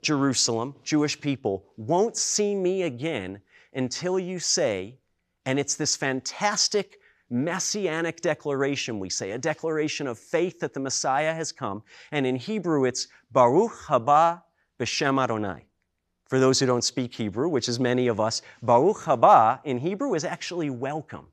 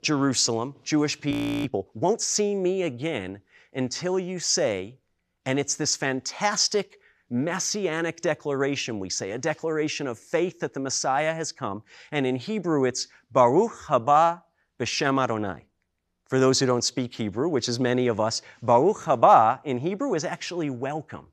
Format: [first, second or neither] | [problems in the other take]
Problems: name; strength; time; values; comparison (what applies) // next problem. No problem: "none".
first | audio freezing; at 1.5 s